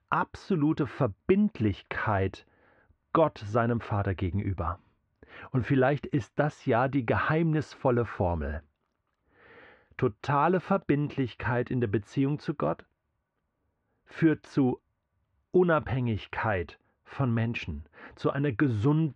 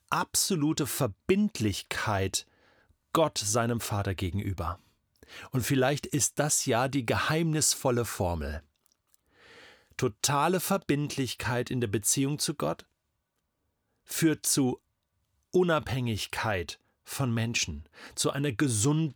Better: second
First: muffled; very; fading above 2 kHz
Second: none

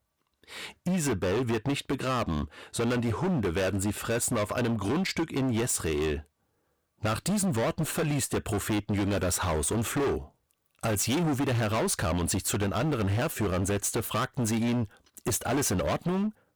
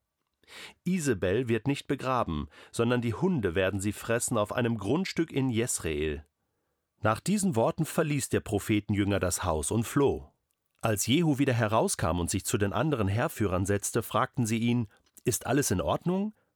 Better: second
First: distortion; heavy; 25% of the sound clipped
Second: none

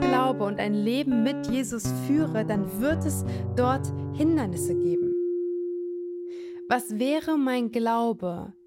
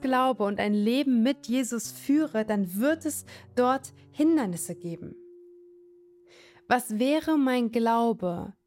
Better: second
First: background music; loud; throughout; 4 dB below the speech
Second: background music; faint; throughout; 25 dB below the speech

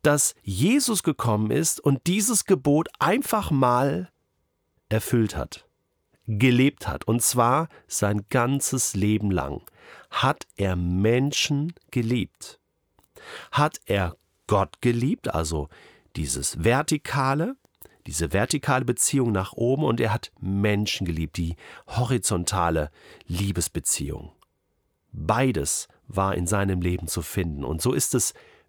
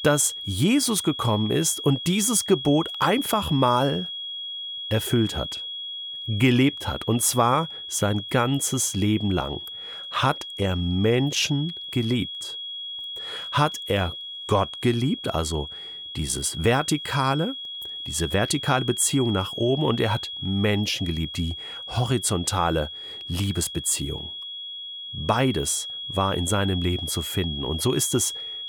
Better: first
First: none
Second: high-pitched whine; loud; throughout; 3.5 kHz, 8 dB below the speech

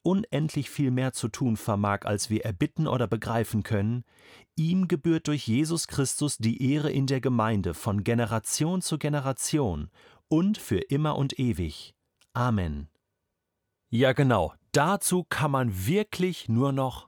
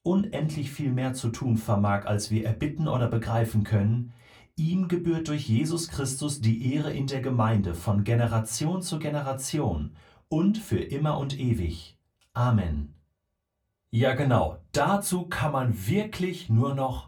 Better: first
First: none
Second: off-mic speech; far // room echo; very slight; dies away in 0.2 s

